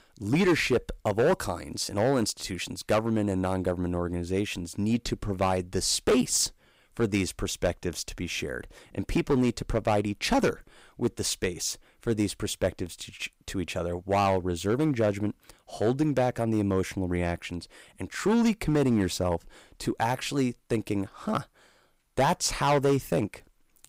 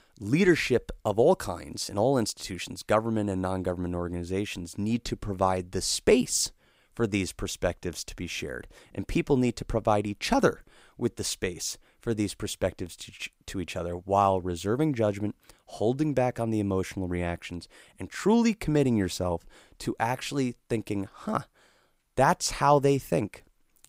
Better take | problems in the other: second | distortion; slight; 4% of the sound clipped

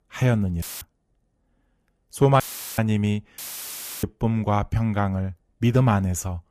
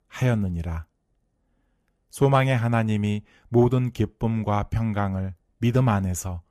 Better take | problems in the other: second | audio cutting out; filled with static; at 0.5 s, at 2.5 s and at 3.5 s for 0.5 s

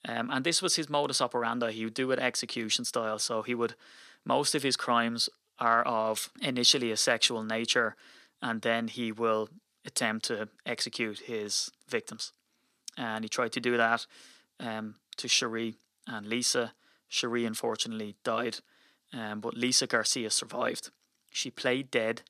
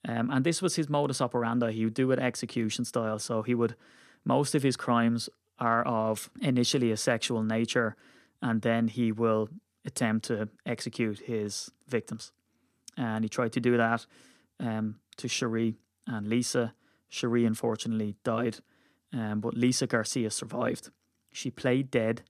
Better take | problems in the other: second | thin; somewhat; fading below 700 Hz

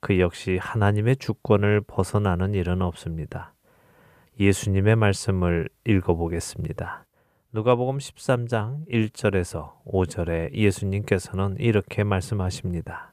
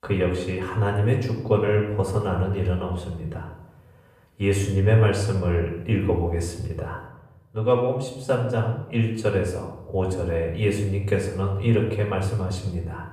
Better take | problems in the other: first | off-mic speech; far // room echo; noticeable; dies away in 0.7 s

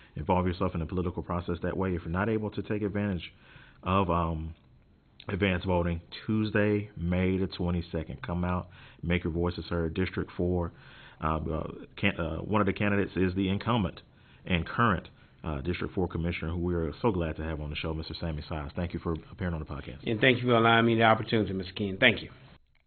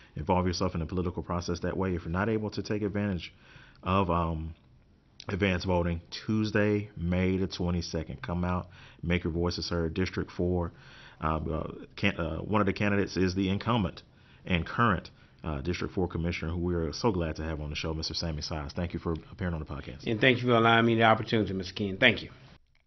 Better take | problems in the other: second | garbled, watery; badly; nothing above 3.5 kHz; slightly in the second

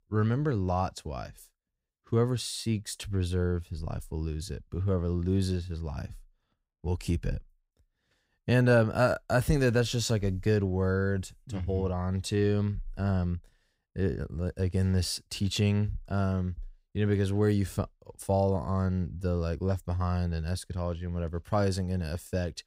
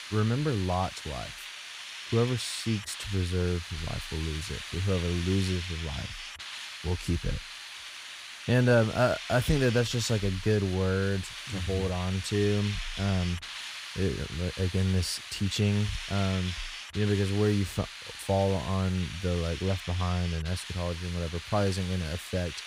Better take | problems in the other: first | hiss; loud; throughout; 9 dB below the speech

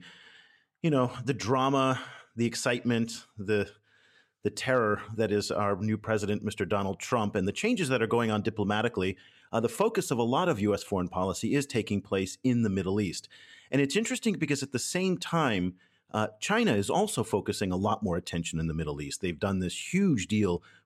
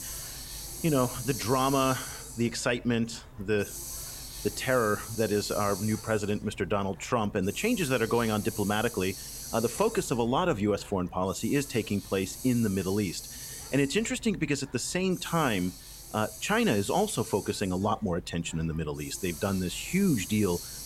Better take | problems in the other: first | hiss; noticeable; throughout; 10 dB below the speech

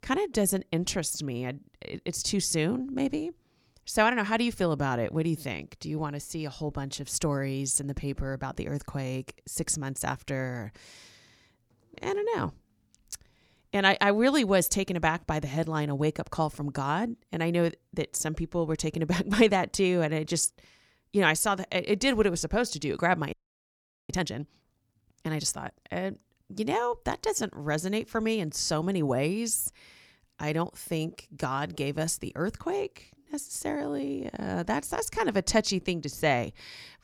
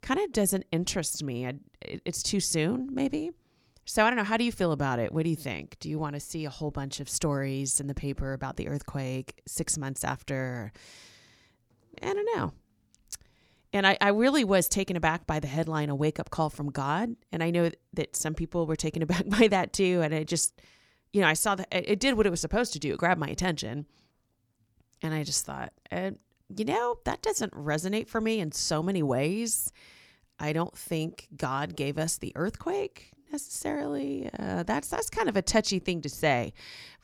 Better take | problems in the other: second | audio freezing; at 23 s for 1 s

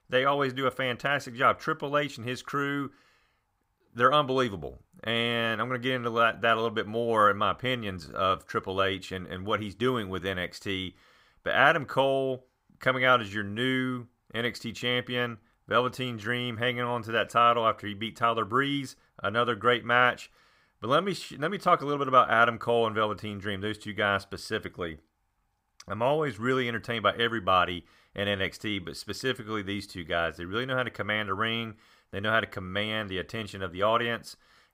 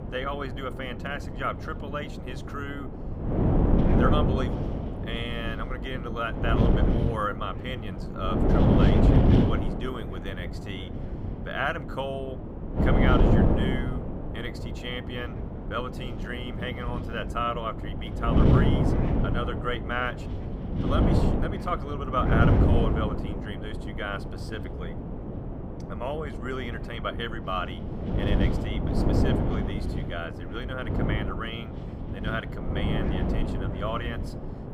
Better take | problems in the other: first | wind noise on the microphone; heavy; 1 dB below the speech

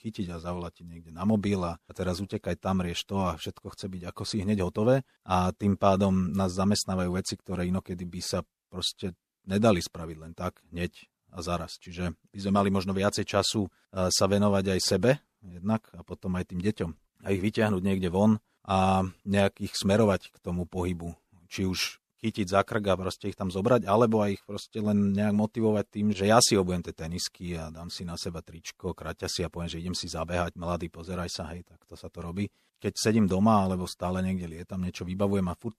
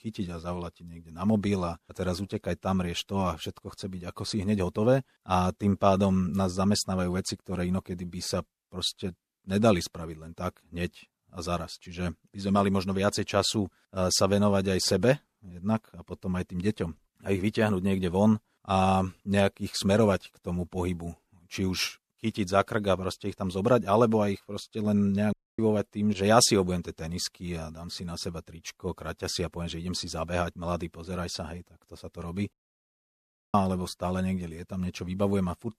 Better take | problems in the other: first | audio cutting out; at 25 s and at 33 s for 1 s

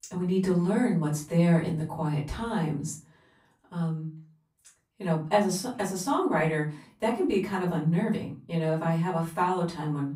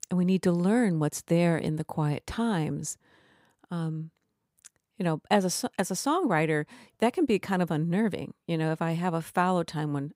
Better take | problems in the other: second | off-mic speech; far // room echo; slight; dies away in 0.3 s

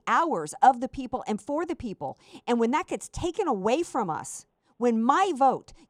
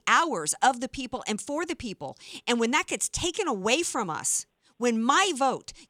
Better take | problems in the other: second | muffled; slightly; fading above 1.5 kHz

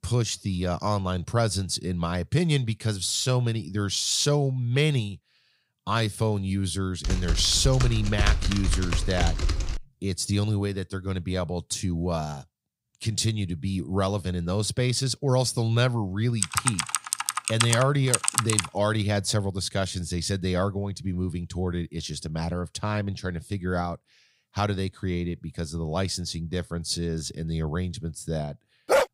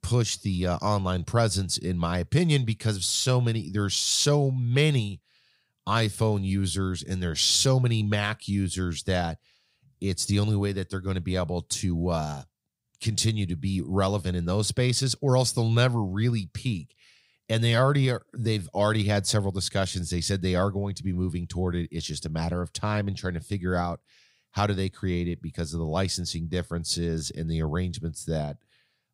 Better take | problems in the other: second | keyboard typing; loud; from 7 to 10 s and from 16 to 19 s; peak 4 dB above the speech // dog barking; loud; at 29 s; peak 4 dB above the speech

